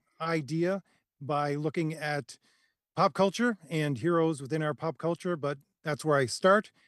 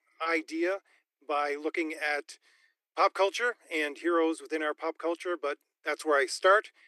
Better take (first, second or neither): first